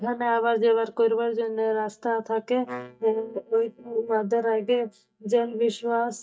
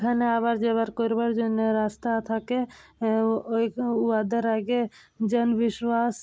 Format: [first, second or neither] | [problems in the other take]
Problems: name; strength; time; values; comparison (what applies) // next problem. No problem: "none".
second | noise reduction (neural mask model DeepFilterNet 3)